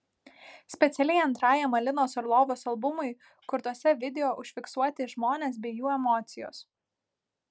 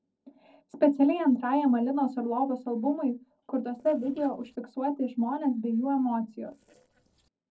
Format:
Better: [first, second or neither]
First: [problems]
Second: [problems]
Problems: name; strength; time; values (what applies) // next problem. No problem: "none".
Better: first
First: none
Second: noise reduction (neural separator model SepFormer DNS4)